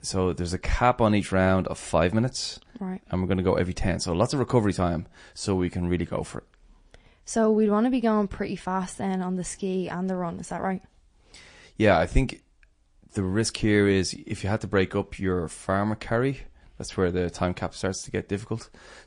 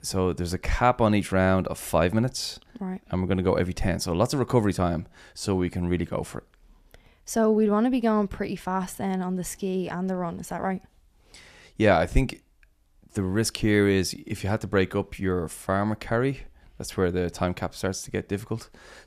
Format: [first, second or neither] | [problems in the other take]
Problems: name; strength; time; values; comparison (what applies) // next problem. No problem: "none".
second | garbled, watery; slightly; nothing above 10 kHz